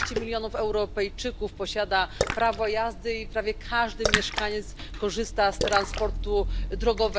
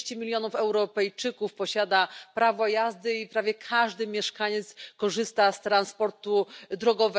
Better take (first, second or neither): second